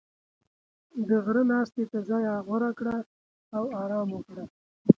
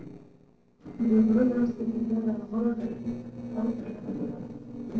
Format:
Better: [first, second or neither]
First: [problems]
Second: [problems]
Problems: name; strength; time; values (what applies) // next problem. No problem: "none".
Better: first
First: none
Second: noise reduction (neural separator model SepFormer DNS4)